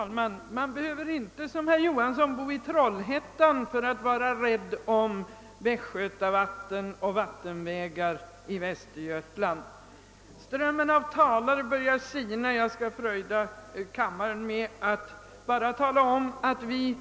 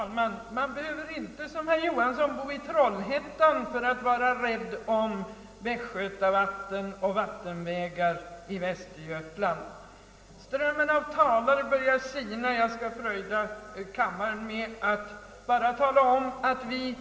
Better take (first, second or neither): first